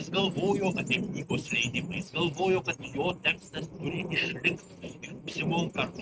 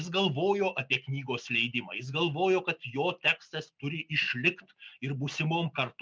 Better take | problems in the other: second | noise reduction (neural mask model RNNoise)

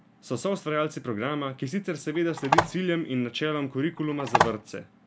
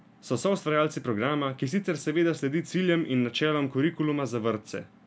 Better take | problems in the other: second | background sound (Telephone); 1 dB above the speech

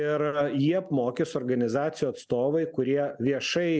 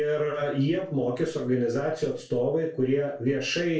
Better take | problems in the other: first | room echo; dies away in 0.3 s

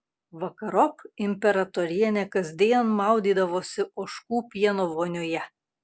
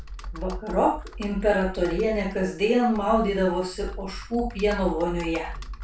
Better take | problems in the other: first | background sound (Computer keyboard); 11 dB below the speech // room echo; dies away in 0.3 s

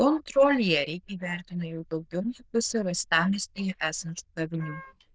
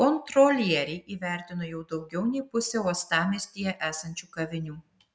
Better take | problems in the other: second | noise reduction (neural diffusion model UNIVERSE++)

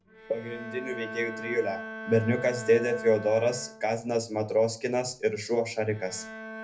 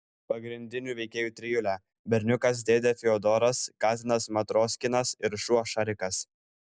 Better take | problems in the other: second | background sound (Bowed string instrument); 13 dB below the speech // room echo; dies away in 0.3 s

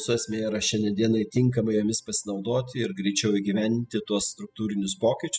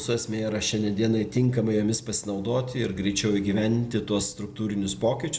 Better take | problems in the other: second | noise reduction (classical method spectral subtraction)

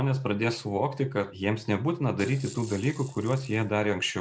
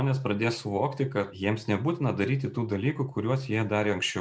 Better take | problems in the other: second | background sound (Rattle / Rattle (instrument)); 19 dB below the speech

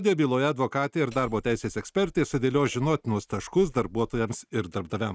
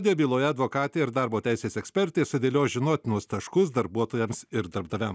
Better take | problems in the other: second | noise reduction (neural mask model RNNoise)

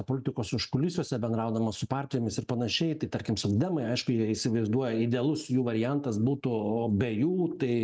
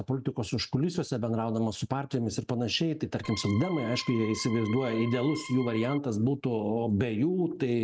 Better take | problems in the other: first | background sound (Organ); 14 dB below the speech

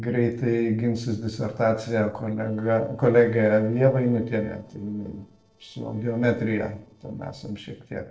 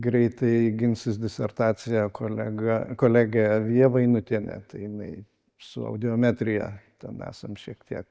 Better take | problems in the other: second | noise reduction (neural separator model SepFormer DNS4)

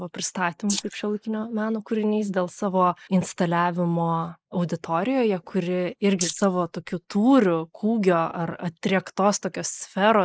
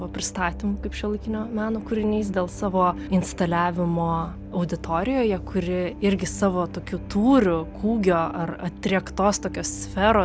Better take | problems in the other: second | noise reduction (neural mask model Resemble Enhance denoiser)

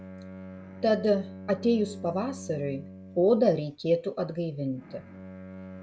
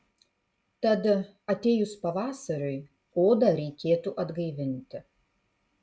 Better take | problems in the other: second | background sound (Bowed string instrument); 15 dB below the speech

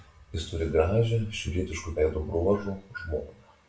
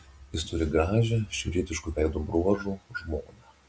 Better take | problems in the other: second | room echo; dies away in 0.3 s

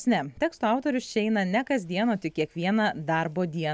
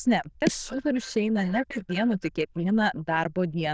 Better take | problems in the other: first | noise reduction (neural diffusion model UNIVERSE++)

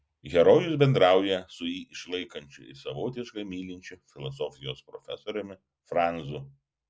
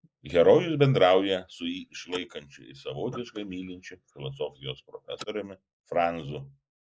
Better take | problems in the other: first | noise reduction (neural mask model Resemble Enhance denoiser)

